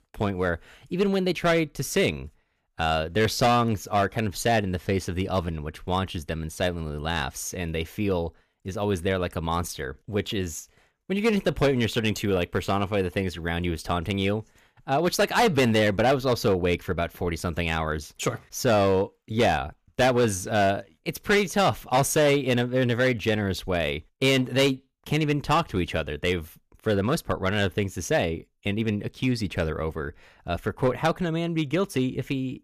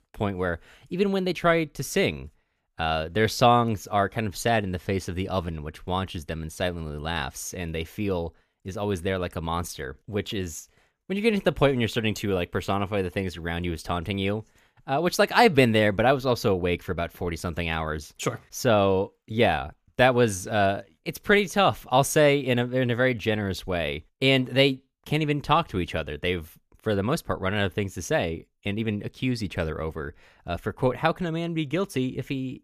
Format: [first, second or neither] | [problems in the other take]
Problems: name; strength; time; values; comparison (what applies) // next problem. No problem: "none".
second | distortion; slight; 4% of the sound clipped